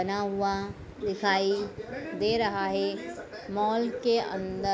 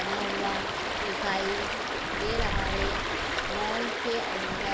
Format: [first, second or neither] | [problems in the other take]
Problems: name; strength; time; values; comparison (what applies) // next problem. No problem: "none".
first | background sound (Stream); 5 dB above the speech